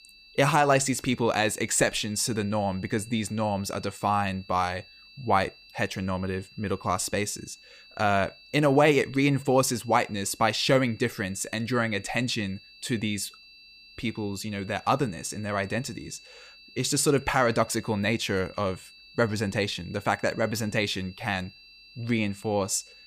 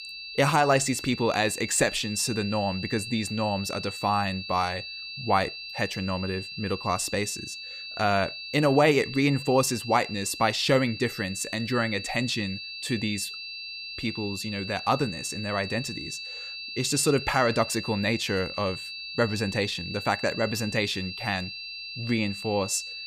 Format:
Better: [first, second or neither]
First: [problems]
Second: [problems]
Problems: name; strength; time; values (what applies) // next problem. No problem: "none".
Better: first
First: high-pitched whine; faint; throughout; 2.5 kHz, 20 dB below the speech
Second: high-pitched whine; loud; throughout; 2.5 kHz, 8 dB below the speech